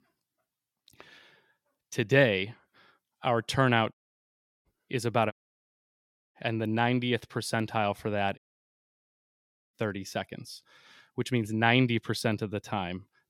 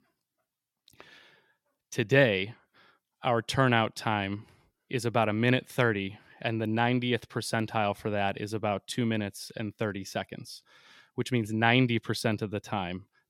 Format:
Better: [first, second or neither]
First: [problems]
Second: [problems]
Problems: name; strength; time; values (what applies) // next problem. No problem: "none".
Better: second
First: audio cutting out; at 4 s for 0.5 s, at 5.5 s for 1 s and at 8.5 s for 1.5 s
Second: none